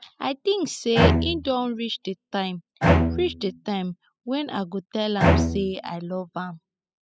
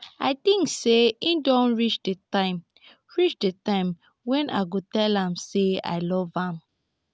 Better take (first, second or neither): second